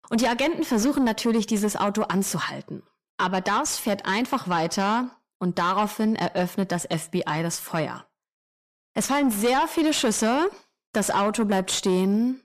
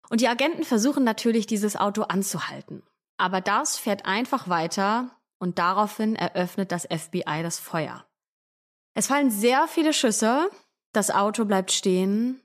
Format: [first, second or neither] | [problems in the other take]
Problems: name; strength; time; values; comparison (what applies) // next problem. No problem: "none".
second | distortion; slight; 10 dB below the speech